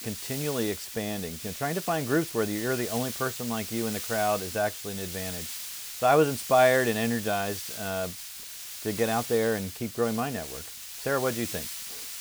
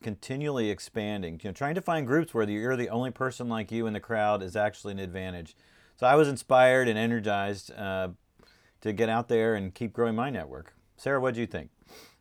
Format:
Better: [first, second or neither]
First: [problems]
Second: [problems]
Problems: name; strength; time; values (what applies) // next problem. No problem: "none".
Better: second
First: hiss; loud; throughout; 7 dB below the speech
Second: none